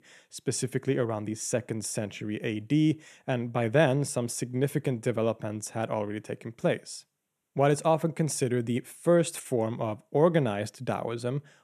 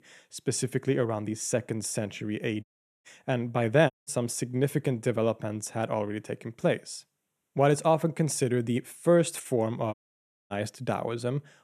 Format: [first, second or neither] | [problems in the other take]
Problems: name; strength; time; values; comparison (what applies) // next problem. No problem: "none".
first | audio cutting out; at 2.5 s, at 4 s and at 10 s for 0.5 s